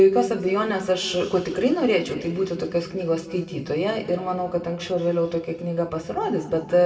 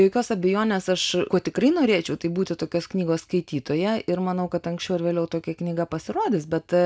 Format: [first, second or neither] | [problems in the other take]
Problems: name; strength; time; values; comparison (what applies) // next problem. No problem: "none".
second | room echo; dies away in 1.9 s